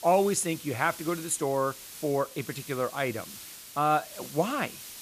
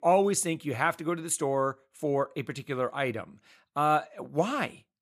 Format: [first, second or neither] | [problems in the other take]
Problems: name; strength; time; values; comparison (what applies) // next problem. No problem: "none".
second | hiss; noticeable; throughout; 15 dB below the speech